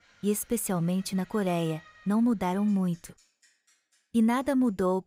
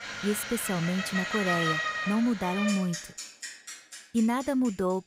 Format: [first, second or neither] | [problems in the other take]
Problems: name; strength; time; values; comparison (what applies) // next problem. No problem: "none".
first | traffic noise; loud; throughout; 3 dB below the speech; faint in the first